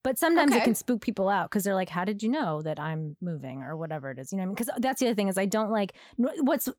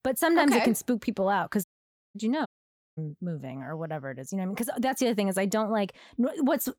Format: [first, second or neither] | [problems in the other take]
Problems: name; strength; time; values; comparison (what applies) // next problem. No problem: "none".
first | audio cutting out; at 1.5 s for 0.5 s and at 2.5 s for 0.5 s